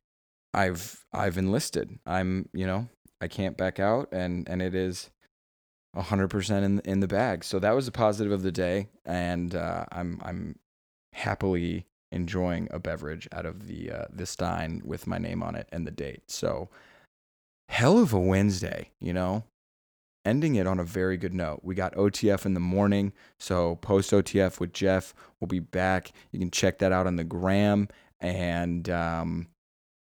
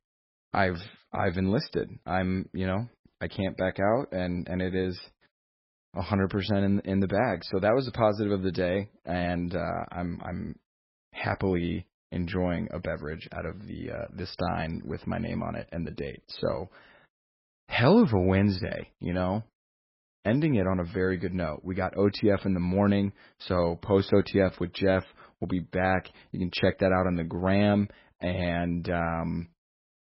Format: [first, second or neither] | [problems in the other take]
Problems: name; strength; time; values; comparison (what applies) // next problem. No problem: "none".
first | garbled, watery; badly; nothing above 5.5 kHz